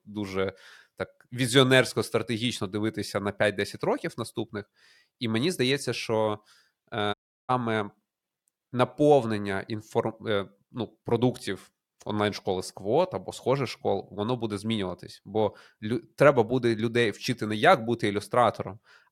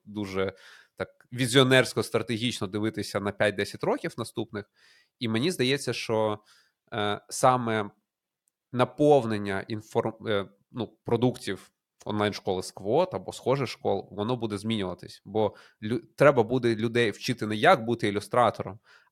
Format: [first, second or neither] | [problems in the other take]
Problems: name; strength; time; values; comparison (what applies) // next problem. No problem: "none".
second | audio cutting out; at 7 s